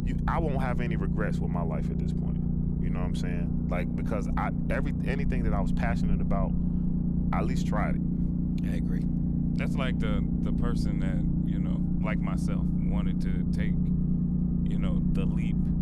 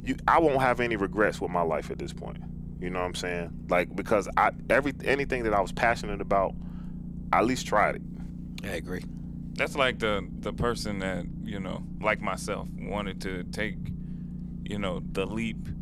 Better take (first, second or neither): second